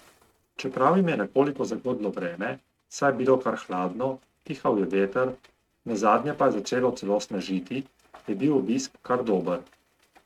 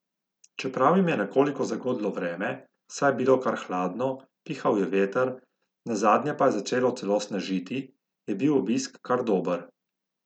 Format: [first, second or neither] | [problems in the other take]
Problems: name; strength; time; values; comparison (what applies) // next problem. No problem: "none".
second | noise reduction (neural mask model RNNoise)